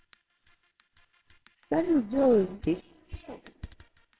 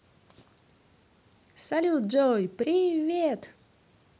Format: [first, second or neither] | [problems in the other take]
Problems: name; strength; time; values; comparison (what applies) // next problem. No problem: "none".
second | noise reduction (neural separator model SepFormer WHAMR!)